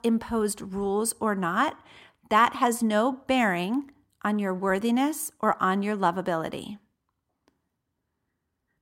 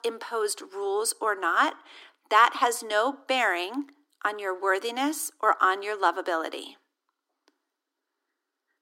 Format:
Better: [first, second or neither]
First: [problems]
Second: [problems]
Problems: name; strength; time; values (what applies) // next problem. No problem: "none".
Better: first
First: none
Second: thin; somewhat; fading below 300 Hz